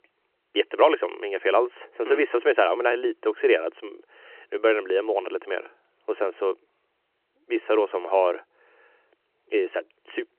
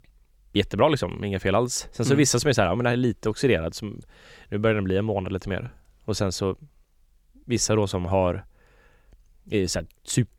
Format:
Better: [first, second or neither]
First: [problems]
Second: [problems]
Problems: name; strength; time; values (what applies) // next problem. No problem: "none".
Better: second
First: phone-call audio; nothing above 3 kHz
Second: none